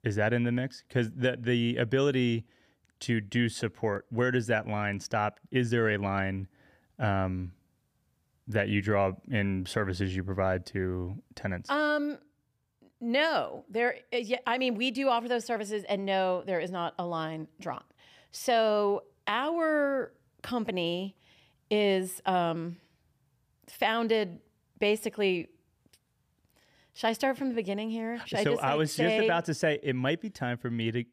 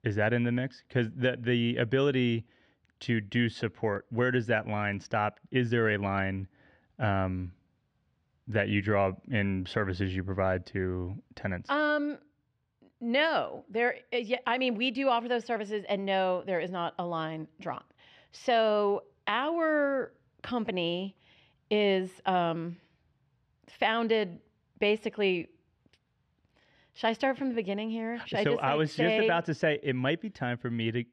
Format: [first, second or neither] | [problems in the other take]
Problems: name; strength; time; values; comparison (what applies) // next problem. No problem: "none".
first | muffled; very slightly; fading above 3 kHz